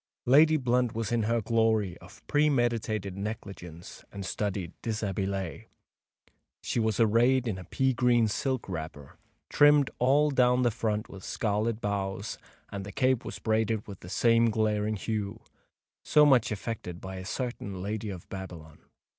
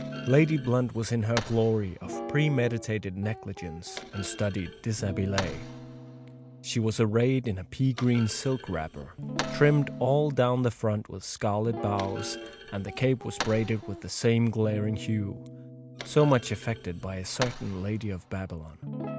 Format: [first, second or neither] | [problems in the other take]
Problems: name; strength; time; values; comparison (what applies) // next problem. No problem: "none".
first | background sound (Guitar + Thump, thud); 11 dB below the speech